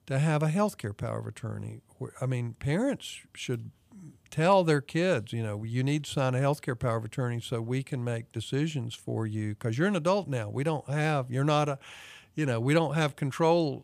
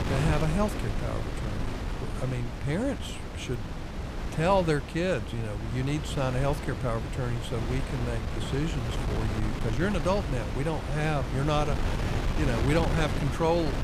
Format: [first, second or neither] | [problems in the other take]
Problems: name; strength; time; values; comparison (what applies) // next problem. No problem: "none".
first | wind noise on the microphone; heavy; 6 dB below the speech